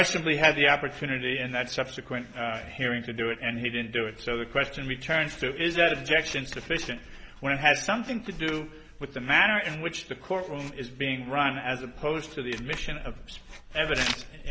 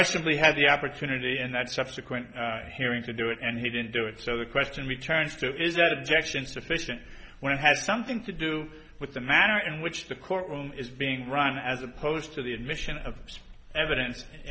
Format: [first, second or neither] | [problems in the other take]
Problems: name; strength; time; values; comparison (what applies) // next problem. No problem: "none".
second | background sound (Writing); 16 dB below the speech